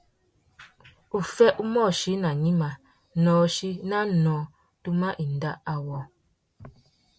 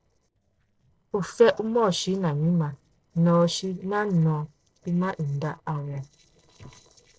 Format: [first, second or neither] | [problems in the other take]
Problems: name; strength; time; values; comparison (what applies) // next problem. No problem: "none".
first | noise reduction (neural separator model SepFormer DNS4)